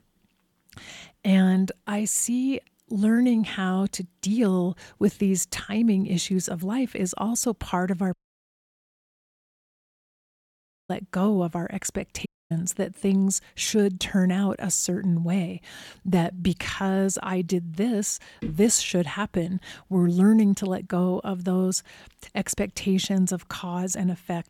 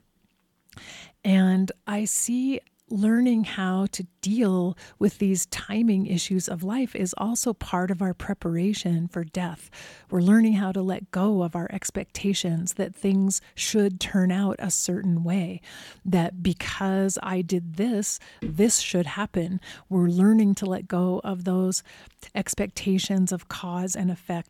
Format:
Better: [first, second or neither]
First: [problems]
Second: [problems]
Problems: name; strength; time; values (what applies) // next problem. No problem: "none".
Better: second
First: audio cutting out; at 8 s for 3 s and at 12 s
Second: none